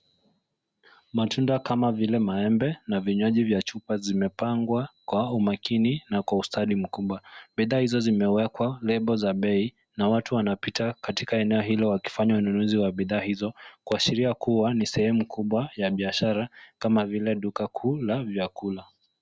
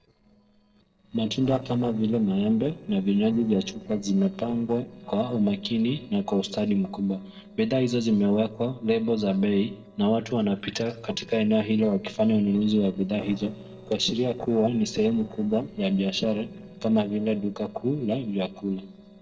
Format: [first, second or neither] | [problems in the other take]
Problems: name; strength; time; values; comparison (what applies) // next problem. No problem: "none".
first | noise reduction (neural separator model SepFormer DNS4)